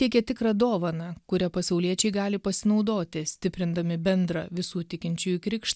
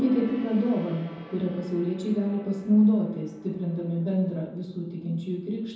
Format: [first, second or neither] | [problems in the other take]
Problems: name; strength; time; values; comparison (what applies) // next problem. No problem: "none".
first | background sound (Gong); 20 dB below the speech // room echo; dies away in 0.9 s